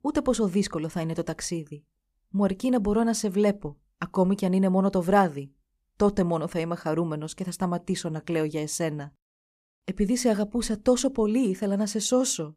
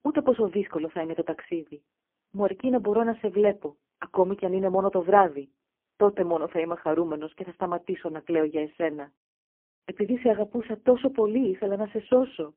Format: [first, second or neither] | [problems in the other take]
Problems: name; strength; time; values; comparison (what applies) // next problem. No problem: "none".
first | phone-call audio; poor line; nothing above 3 kHz